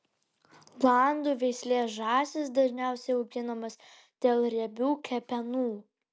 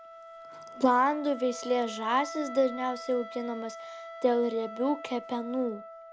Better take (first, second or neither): first